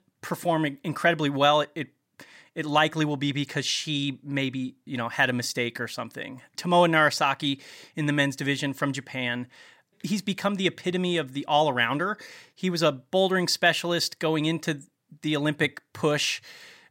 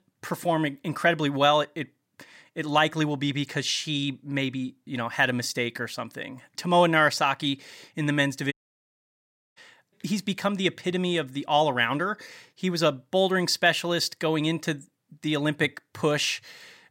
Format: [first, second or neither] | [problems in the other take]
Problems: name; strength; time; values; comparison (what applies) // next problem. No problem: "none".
first | audio cutting out; at 8.5 s for 1 s